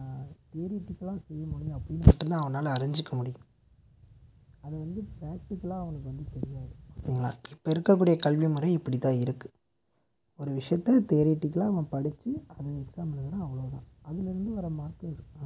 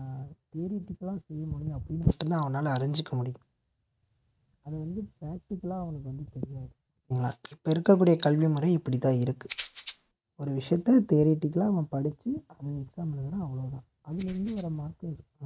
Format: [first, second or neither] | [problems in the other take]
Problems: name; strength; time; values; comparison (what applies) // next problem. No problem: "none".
first | noise reduction (neural mask model RNNoise)